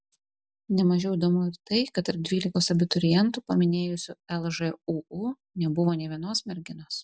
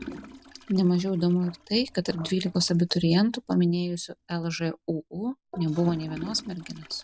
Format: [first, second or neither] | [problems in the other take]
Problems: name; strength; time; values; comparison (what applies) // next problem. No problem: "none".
first | background sound (Toilet flush / Gurgling); 19 dB below the speech